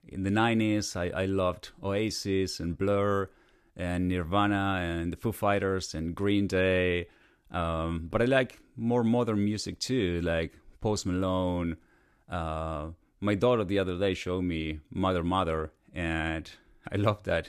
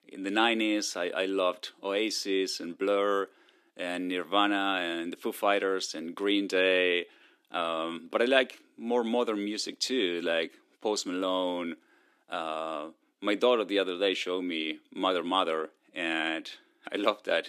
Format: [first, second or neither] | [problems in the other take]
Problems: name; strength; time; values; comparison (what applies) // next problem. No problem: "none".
first | thin; very slightly; fading below 250 Hz